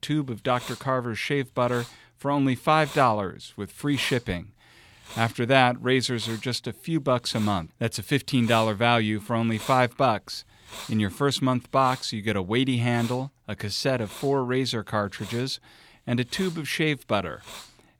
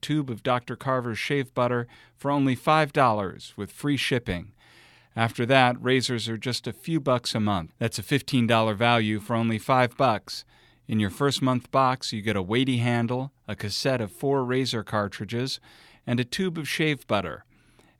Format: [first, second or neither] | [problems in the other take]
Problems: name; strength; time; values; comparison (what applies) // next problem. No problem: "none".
second | hiss; noticeable; throughout; 15 dB below the speech